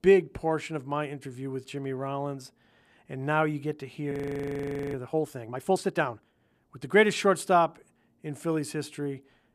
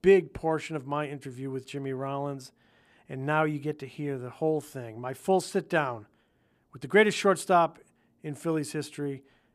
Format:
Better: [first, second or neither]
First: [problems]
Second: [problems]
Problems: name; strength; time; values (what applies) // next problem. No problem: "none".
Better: second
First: audio freezing; at 4 s for 1 s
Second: none